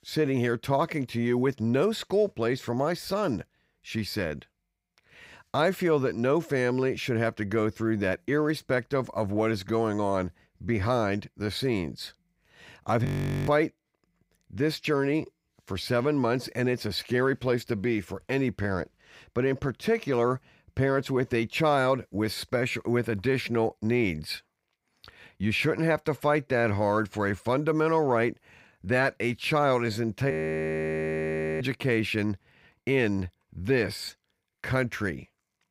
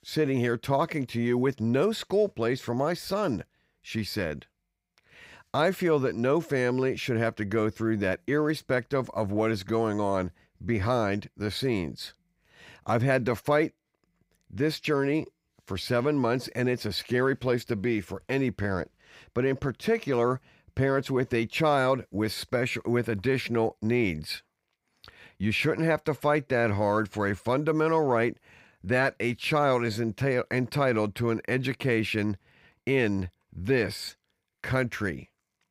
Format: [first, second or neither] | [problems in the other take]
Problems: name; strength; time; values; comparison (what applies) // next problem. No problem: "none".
second | audio freezing; at 13 s and at 30 s for 1.5 s